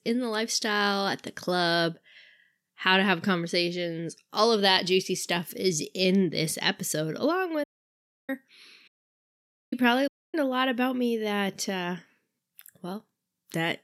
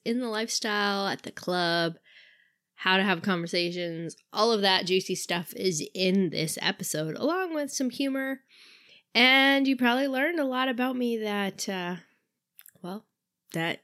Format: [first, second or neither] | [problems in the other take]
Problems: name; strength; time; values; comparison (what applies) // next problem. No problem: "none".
second | audio cutting out; at 7.5 s for 0.5 s, at 9 s for 1 s and at 10 s